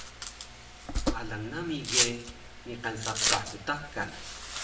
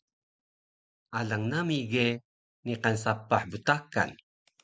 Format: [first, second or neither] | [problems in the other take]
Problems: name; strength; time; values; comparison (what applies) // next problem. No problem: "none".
second | background sound (Domestic sounds, home sounds); 4 dB above the speech // room echo; dies away in 0.8 s